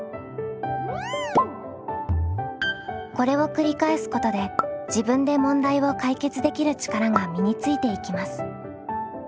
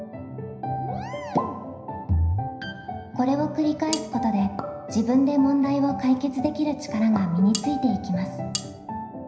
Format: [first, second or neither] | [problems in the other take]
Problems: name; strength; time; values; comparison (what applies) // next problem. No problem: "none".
first | background sound (Cutlery, silverware); 11 dB below the speech // room echo; dies away in 0.9 s